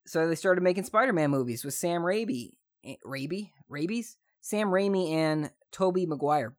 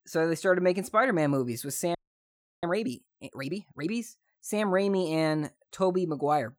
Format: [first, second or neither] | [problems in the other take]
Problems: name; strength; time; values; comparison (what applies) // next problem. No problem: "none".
first | audio freezing; at 2 s for 0.5 s